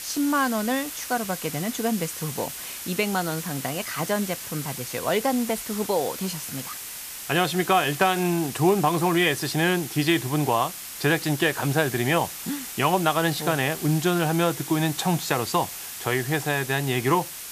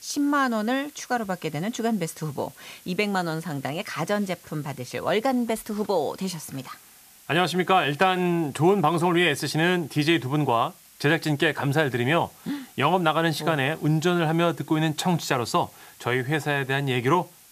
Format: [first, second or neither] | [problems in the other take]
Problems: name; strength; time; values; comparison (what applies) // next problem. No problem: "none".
second | hiss; loud; throughout; 9 dB below the speech; faint in the second